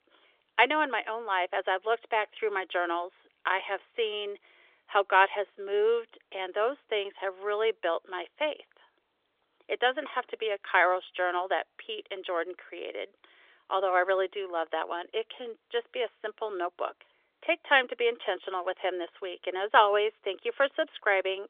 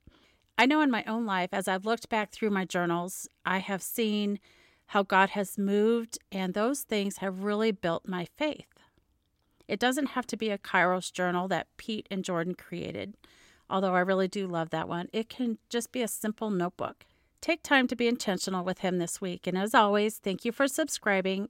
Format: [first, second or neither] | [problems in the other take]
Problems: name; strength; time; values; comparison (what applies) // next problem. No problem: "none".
second | phone-call audio; nothing above 3.5 kHz